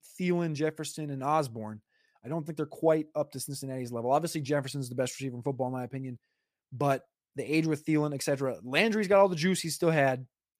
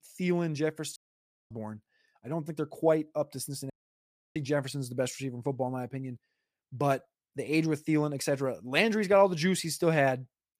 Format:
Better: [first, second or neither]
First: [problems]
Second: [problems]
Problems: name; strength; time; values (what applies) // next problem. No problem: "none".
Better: first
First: none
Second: audio cutting out; at 1 s for 0.5 s and at 3.5 s for 0.5 s